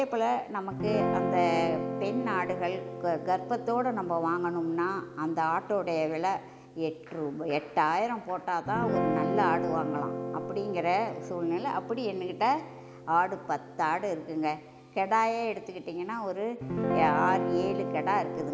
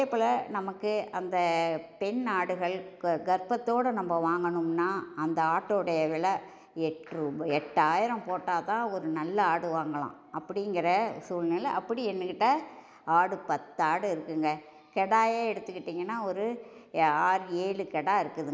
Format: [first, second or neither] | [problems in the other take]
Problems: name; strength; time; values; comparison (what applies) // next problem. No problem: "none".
second | background sound (Guitar); 5 dB below the speech